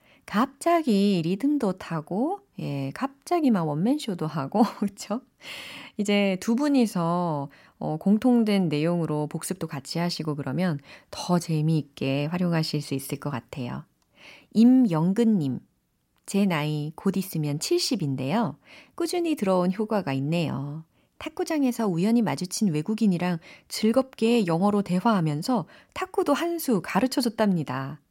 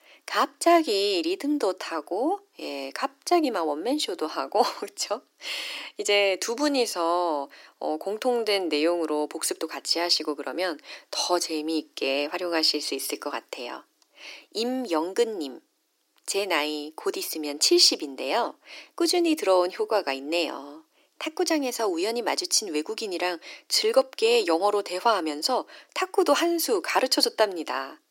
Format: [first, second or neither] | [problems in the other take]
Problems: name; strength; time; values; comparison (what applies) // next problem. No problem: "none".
first | thin; very; fading below 300 Hz